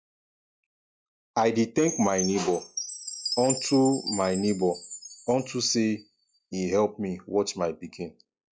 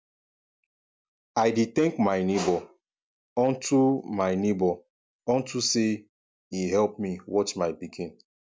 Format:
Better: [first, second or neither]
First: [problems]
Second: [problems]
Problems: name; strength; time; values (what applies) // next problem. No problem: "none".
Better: second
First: noise reduction (classical method log-MMSE)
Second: none